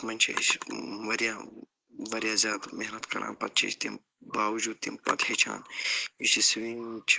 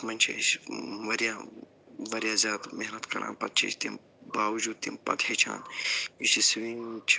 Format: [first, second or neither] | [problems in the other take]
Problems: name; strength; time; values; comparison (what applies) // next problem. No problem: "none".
second | noise reduction (neural mask model Resemble Enhance denoiser)